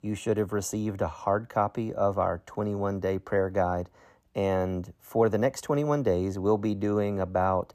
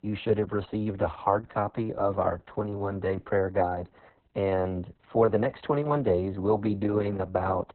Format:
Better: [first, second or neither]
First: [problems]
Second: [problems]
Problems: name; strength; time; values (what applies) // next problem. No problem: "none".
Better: first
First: none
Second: garbled, watery; badly; nothing above 4 kHz